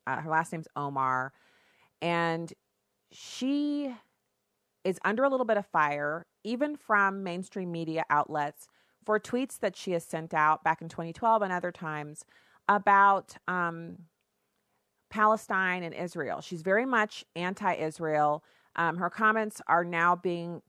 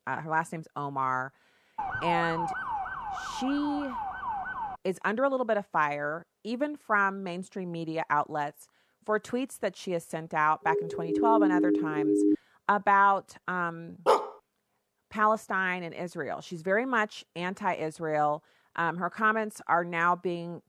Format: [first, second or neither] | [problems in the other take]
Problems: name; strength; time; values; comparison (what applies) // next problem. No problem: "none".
first | siren; noticeable; from 2 to 5 s; peak 1 dB below the speech // siren; loud; from 11 to 12 s; peak 5 dB above the speech // dog barking; loud; at 14 s; peak 4 dB above the speech